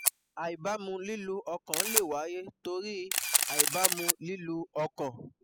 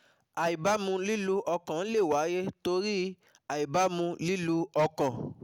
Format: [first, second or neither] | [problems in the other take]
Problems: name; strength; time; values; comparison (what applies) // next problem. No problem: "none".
second | noise reduction (classical method spectral subtraction)